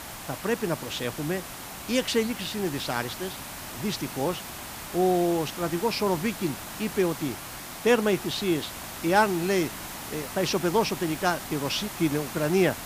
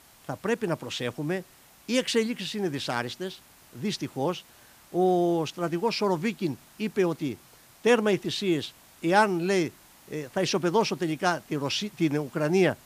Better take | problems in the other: second | hiss; loud; throughout; 9 dB below the speech; faint in the second

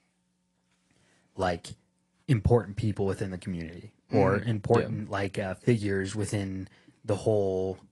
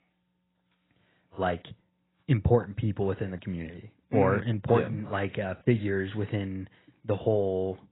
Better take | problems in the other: first | garbled, watery; badly; nothing above 4 kHz; slightly in the first

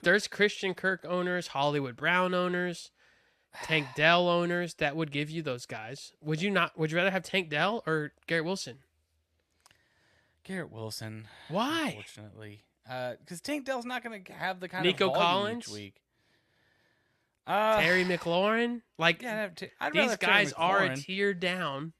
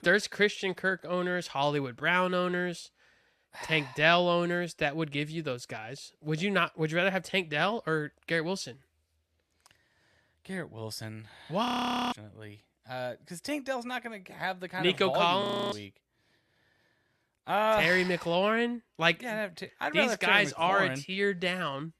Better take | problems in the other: first | audio freezing; at 12 s and at 15 s

